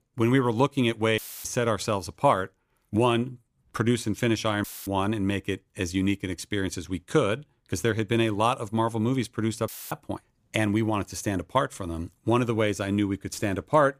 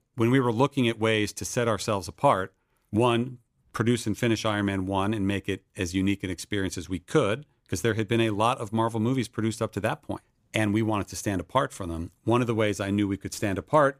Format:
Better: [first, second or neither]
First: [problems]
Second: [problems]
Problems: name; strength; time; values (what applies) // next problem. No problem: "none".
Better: second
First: audio cutting out; filled with static; at 1 s, at 4.5 s and at 9.5 s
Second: none